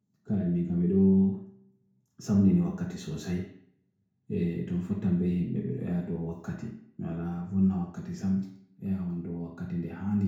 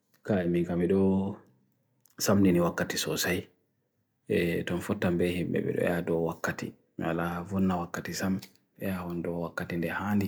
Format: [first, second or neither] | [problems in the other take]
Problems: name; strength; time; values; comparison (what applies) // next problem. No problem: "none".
second | room echo; dies away in 0.6 s